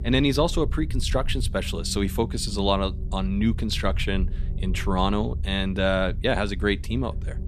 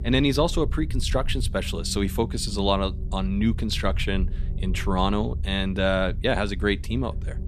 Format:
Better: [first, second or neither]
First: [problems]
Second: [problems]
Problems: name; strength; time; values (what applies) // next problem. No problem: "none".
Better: neither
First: low rumble; faint; throughout; 20 dB below the speech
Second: low rumble; faint; throughout; 20 dB below the speech